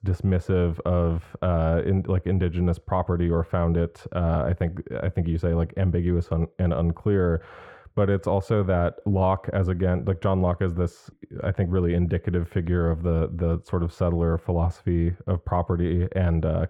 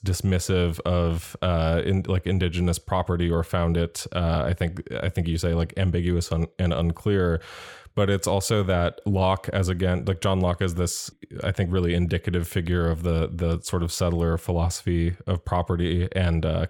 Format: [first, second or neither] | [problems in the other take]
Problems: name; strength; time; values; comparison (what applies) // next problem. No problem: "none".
second | muffled; very; fading above 3 kHz